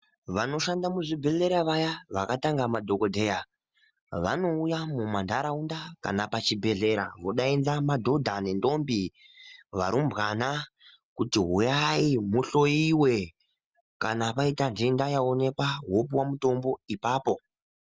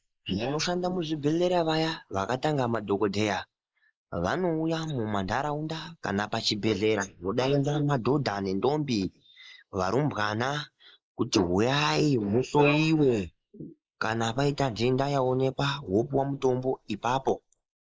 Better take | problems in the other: first | noise reduction (neural mask model Resemble Enhance denoiser)

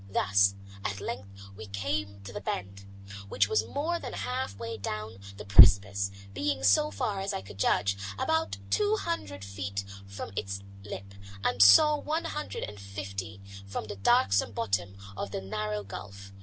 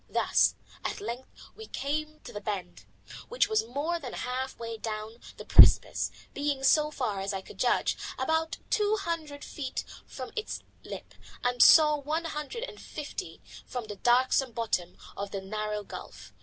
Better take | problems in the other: second | background sound (Organ); 15 dB below the speech

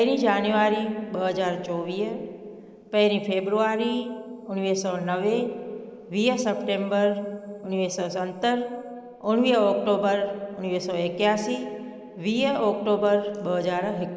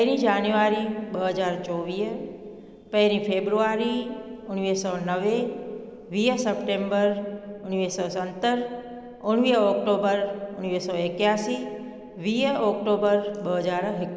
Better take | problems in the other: second | noise reduction (neural mask model Resemble Enhance denoiser)

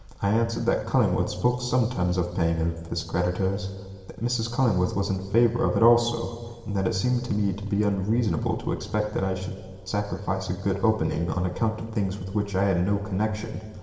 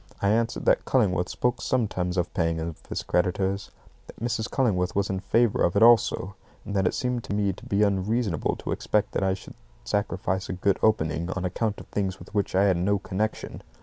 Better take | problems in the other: second | room echo; dies away in 2.1 s

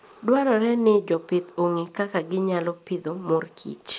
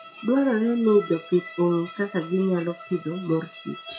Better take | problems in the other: first | noise reduction (classical method WPE with log-MMSE)

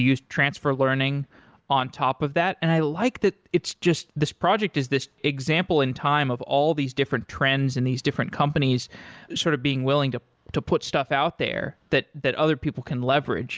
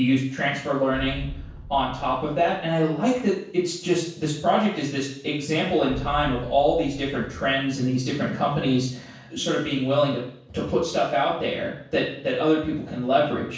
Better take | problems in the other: first | background sound (Boom); 14 dB below the speech // room echo; dies away in 0.7 s

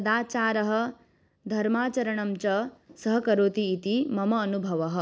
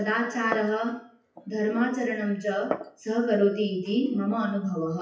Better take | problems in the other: first | noise reduction (classical method WPE with log-MMSE)

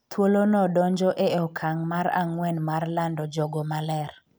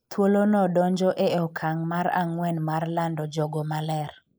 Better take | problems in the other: first | noise reduction (neural mask model Resemble Enhance denoiser)

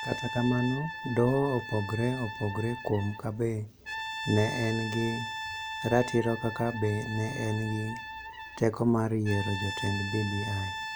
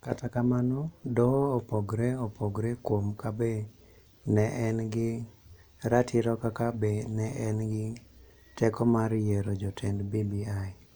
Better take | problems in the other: second | background sound (Brass instrument); 8 dB below the speech

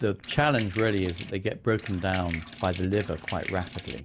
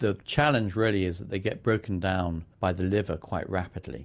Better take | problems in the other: second | background sound (Sink (filling or washing)); 13 dB below the speech

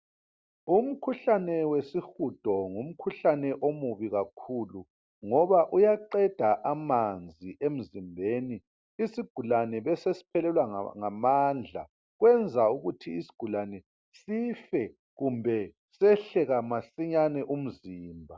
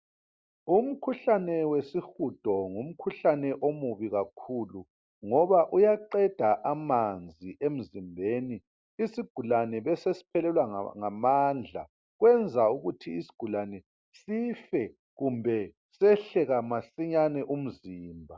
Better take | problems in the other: first | noise reduction (neural mask model Resemble Enhance denoiser)

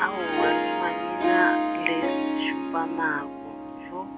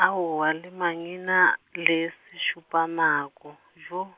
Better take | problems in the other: second | background sound (Harp); 3 dB above the speech

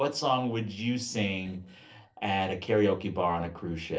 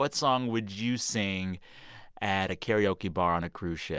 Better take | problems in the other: second | noise reduction (neural separator model SepFormer DNS4)

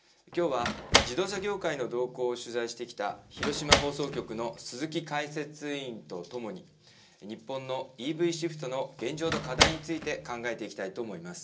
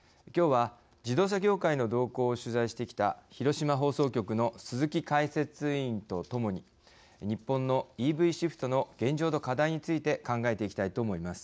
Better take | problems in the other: second | background sound (Slam); 3 dB above the speech // room echo; dies away in 0.2 s

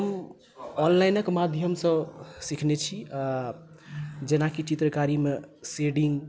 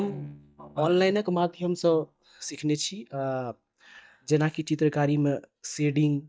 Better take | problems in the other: first | noise reduction (neural mask model DeepFilterNet 3)

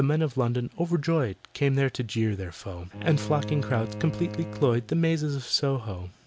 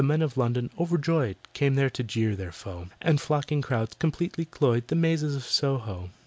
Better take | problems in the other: second | background sound (Bowed string instrument); 11 dB below the speech

